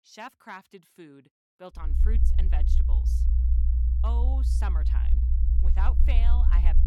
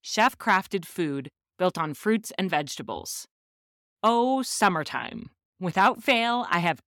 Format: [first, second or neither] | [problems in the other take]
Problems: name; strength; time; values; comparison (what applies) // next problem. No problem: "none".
second | low rumble; loud; from 2 s on; 4 dB below the speech